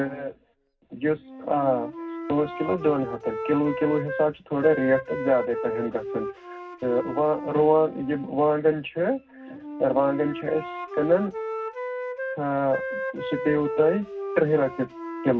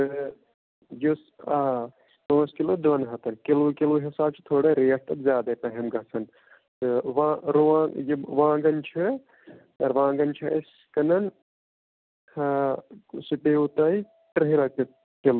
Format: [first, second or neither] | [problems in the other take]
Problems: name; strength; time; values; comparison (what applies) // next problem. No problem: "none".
second | background sound (Wind instrument, woodwind instrument); 9 dB below the speech // room echo; dies away in 0.4 s